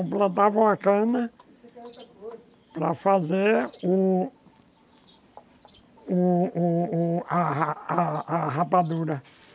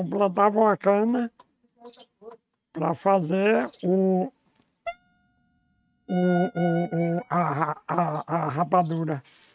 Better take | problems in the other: first | noise reduction (neural mask model RNNoise)

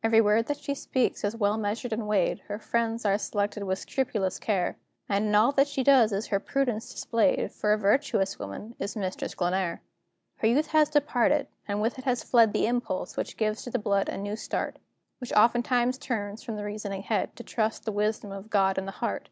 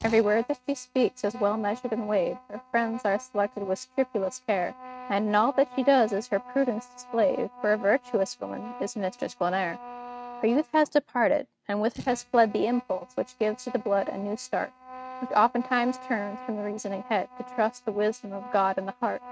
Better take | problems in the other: first | noise reduction (neural mask model RNNoise)

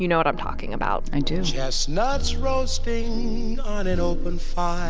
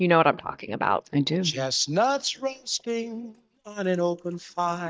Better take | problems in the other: first | noise reduction (neural mask model DeepFilterNet 3)

